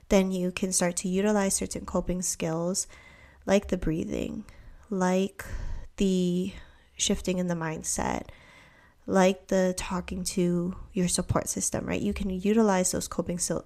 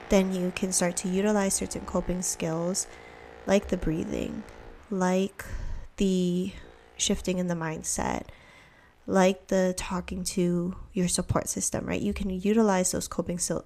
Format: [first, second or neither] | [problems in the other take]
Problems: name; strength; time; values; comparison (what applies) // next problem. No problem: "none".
first | train or aircraft noise; faint; throughout; 20 dB below the speech